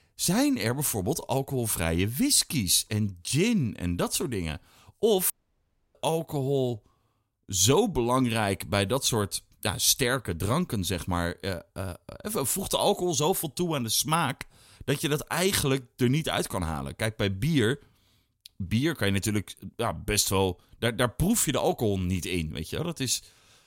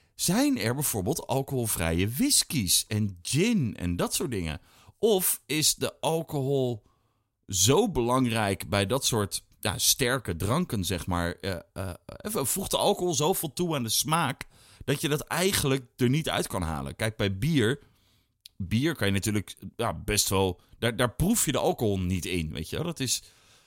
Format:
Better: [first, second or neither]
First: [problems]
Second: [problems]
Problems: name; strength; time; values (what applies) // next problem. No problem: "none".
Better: second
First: audio cutting out; at 5.5 s for 0.5 s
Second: none